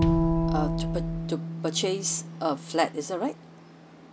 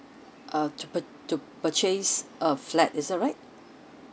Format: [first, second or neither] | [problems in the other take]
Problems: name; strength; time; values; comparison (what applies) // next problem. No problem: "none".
second | background sound (Bowed string instrument + Bass drum); 2 dB above the speech